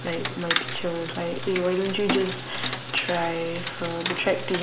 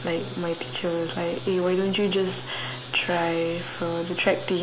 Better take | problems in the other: second | background sound (Rain); 6 dB below the speech // room echo; dies away in 3 s

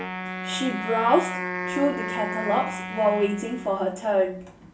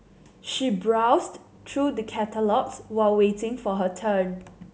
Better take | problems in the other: second | background sound (Wind instrument, woodwind instrument); 7 dB below the speech // room echo; dies away in 0.3 s

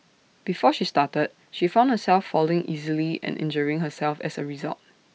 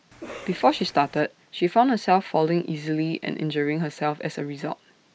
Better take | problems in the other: first | background sound (Cough); 17 dB below the speech

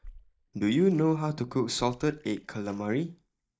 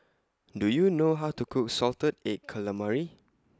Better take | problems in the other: second | noise reduction (neural mask model DeepFilterNet 3)

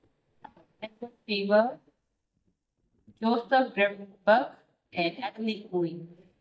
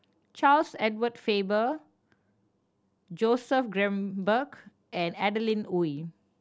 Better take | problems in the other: second | noise reduction (neural mask model DeepFilterNet 3)

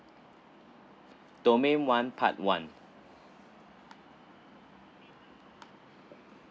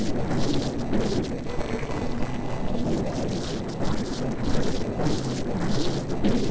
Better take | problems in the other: first | noise reduction (neural separator model SepFormer DNS4)

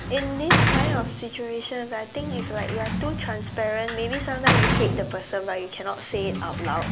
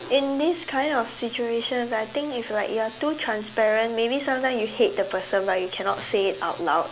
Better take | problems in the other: second | background sound (Sliding door / Slam); 3 dB above the speech

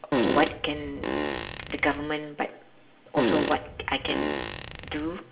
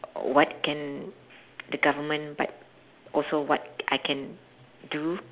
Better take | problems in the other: second | background sound (Fart); 1 dB above the speech // room echo; dies away in 0.6 s

